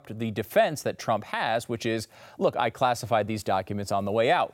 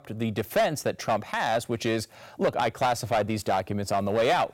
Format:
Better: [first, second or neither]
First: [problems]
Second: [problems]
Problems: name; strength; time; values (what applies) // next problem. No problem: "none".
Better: first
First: none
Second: distortion; slight; 7% of the sound clipped